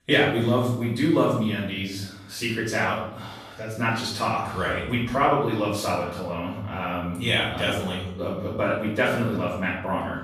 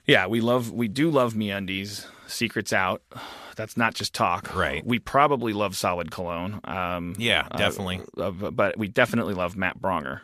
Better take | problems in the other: second | room echo; noticeable; dies away in 0.7 s // off-mic speech; far

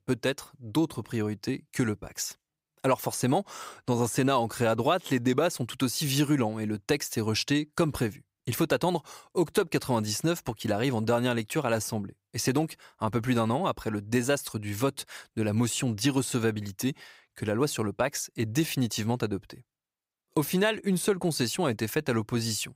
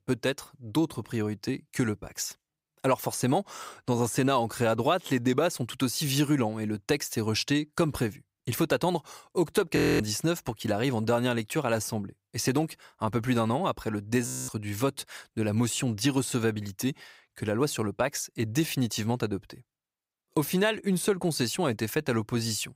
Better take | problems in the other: first | audio freezing; at 10 s and at 14 s

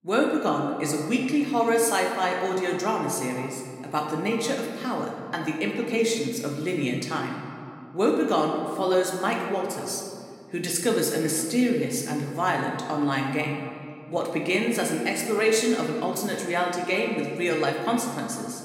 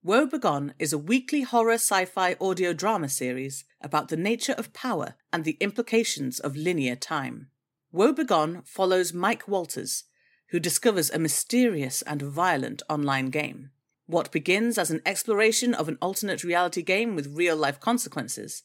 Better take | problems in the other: second | room echo; noticeable; dies away in 2 s // off-mic speech; somewhat distant

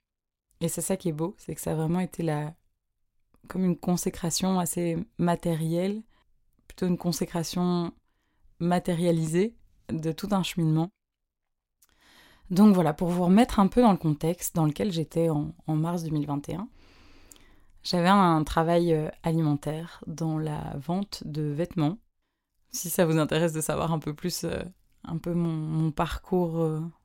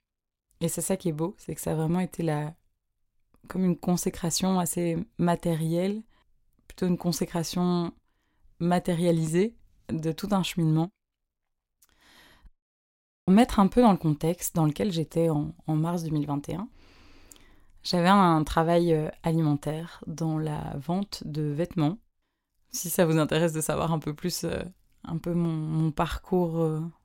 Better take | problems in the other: first | audio cutting out; at 12 s for 1 s

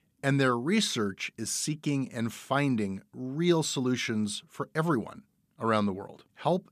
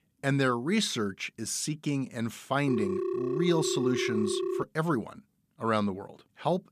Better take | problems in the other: first | phone ringing; noticeable; from 2.5 to 4.5 s; peak 1 dB below the speech

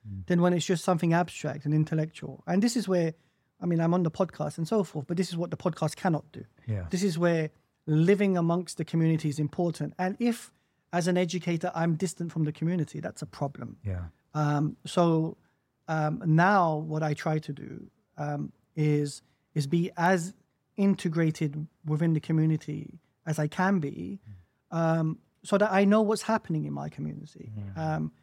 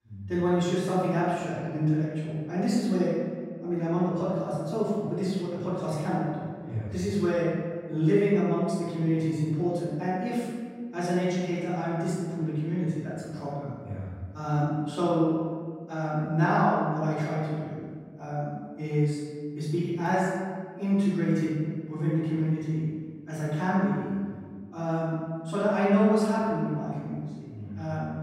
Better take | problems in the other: first | room echo; strong; dies away in 1.6 s // off-mic speech; far

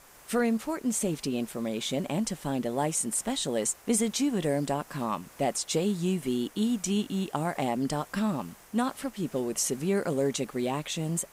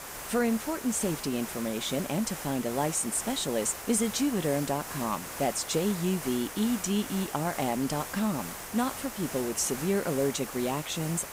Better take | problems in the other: first | hiss; loud; throughout; 8 dB below the speech; faint in the first

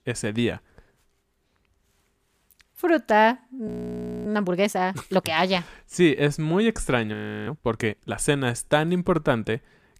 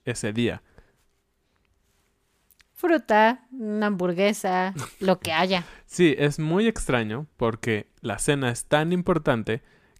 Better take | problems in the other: second | audio freezing; at 3.5 s for 0.5 s and at 7 s

